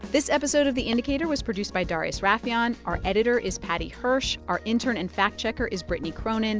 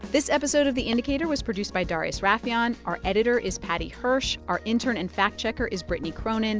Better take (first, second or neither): second